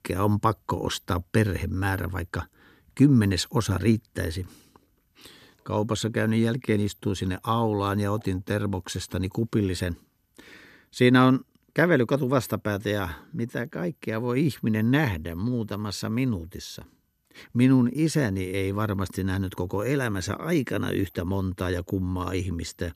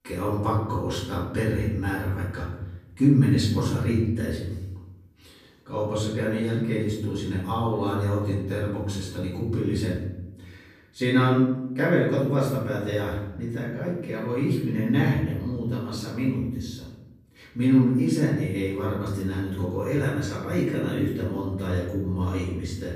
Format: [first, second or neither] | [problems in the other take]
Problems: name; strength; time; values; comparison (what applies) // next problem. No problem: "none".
first | room echo; noticeable; dies away in 0.9 s // off-mic speech; far